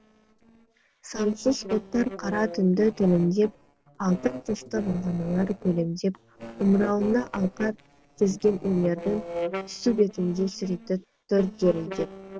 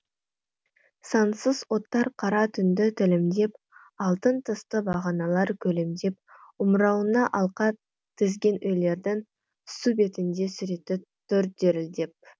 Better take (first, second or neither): second